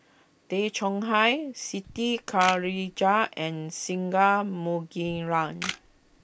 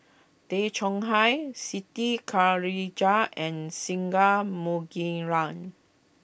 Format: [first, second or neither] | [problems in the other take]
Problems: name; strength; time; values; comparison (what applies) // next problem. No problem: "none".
second | background sound (Camera); 13 dB below the speech